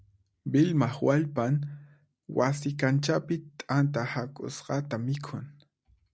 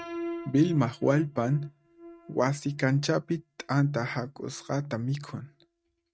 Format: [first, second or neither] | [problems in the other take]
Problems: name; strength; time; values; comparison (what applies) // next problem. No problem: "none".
first | noise reduction (neural mask model RNNoise)